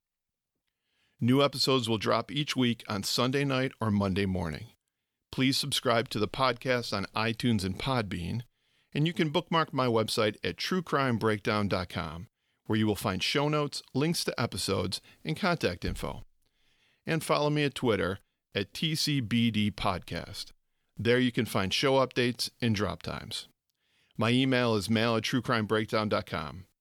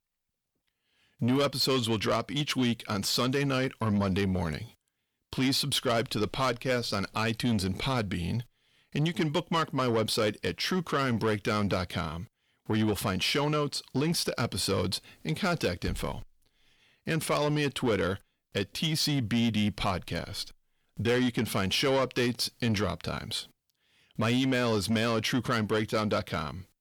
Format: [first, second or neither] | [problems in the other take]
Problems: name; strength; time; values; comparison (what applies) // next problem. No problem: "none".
first | distortion; slight; 10 dB below the speech